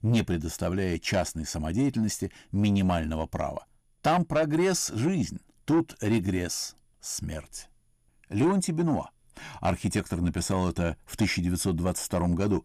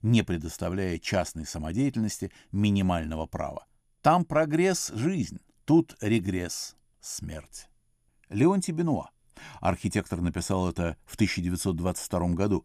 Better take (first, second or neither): second